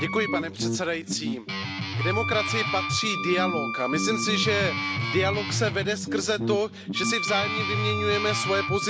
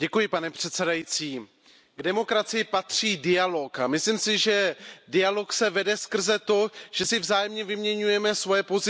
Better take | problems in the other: second | background sound (Wind instrument, woodwind instrument + Guitar); 1 dB below the speech

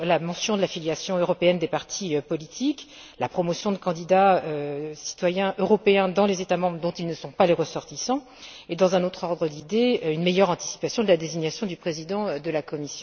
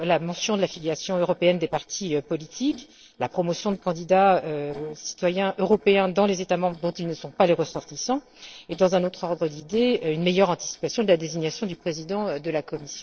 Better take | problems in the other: first | noise reduction (neural separator model SepFormer DNS4)

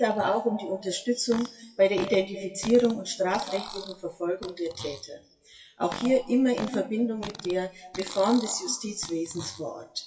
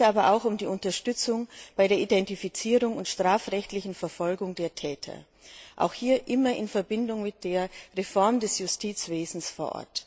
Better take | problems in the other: second | noise reduction (classical method WPE with log-MMSE)

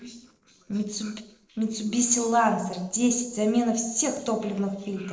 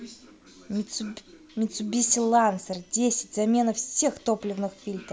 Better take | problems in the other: second | noise reduction (neural separator model SepFormer DNS4)

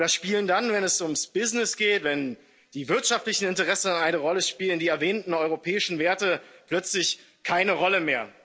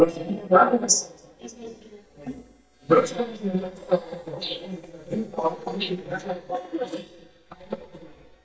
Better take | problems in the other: first | noise reduction (neural mask model DeepFilterNet 3)

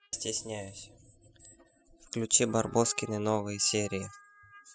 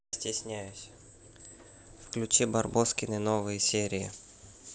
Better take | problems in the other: second | noise reduction (classical method spectral subtraction)

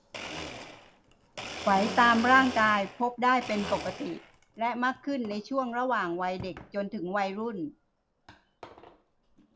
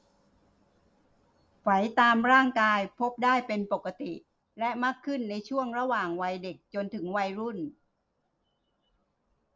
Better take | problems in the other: second | background sound (Domestic sounds, home sounds); 13 dB below the speech

